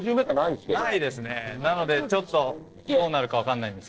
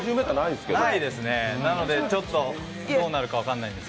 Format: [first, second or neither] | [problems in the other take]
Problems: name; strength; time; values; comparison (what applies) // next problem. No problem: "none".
second | noise reduction (neural separator model SepFormer DNS4)